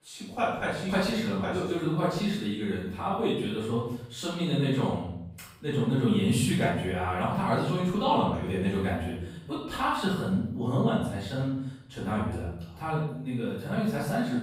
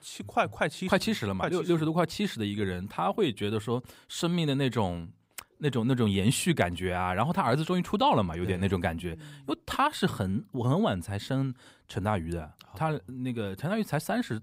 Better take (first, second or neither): second